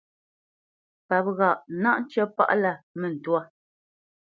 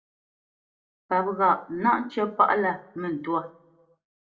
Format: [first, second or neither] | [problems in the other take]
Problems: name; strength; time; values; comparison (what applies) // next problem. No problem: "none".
first | room echo; dies away in 0.3 s